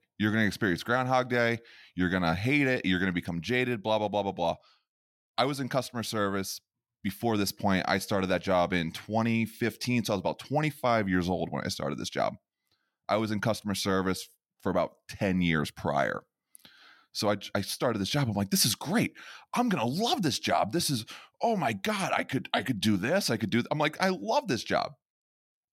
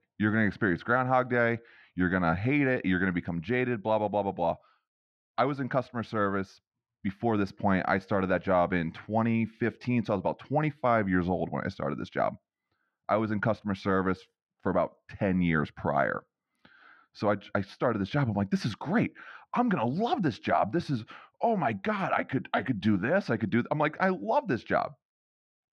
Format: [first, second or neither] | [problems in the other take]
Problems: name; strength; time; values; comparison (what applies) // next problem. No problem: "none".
first | muffled; very; fading above 2 kHz